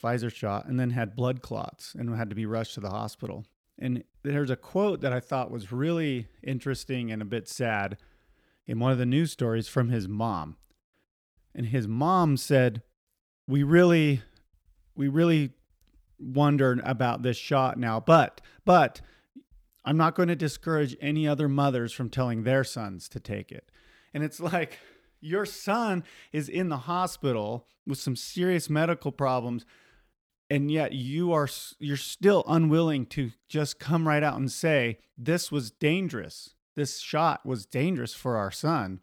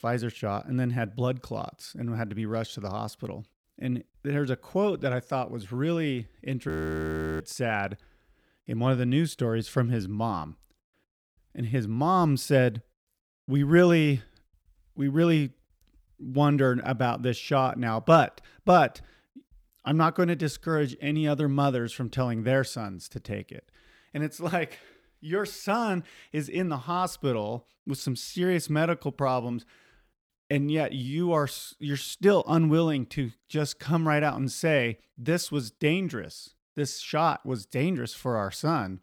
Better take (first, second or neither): first